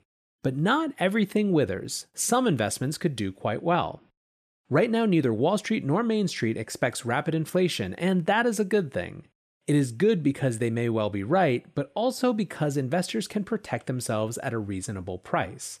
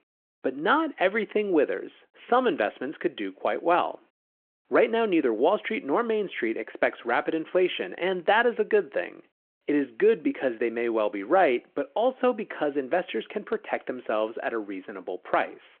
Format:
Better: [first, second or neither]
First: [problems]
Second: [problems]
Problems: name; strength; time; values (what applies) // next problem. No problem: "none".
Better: first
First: none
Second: phone-call audio